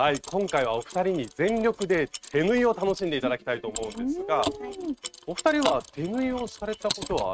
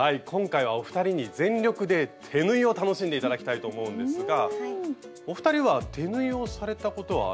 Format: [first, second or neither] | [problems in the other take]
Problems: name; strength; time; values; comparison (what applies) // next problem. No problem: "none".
second | noise reduction (neural mask model RNNoise)